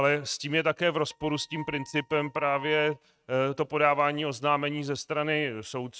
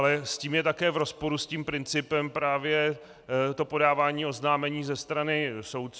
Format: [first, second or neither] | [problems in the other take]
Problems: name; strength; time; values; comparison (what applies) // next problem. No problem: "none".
second | noise reduction (neural mask model RNNoise)